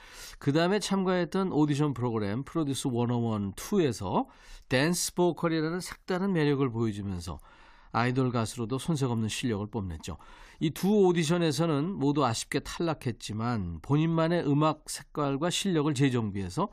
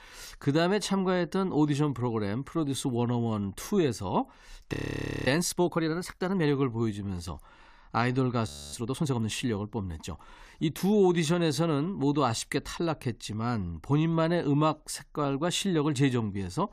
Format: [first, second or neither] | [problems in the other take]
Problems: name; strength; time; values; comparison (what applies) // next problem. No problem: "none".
first | audio freezing; at 4.5 s for 0.5 s and at 8.5 s